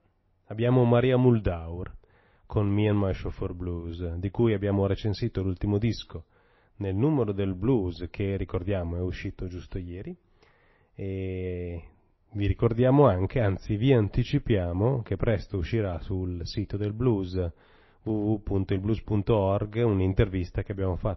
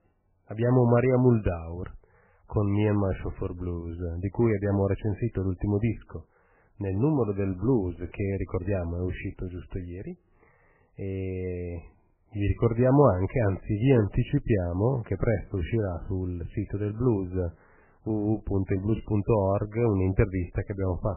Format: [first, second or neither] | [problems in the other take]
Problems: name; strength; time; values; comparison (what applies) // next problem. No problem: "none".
first | garbled, watery; badly; nothing above 3 kHz; slightly in the first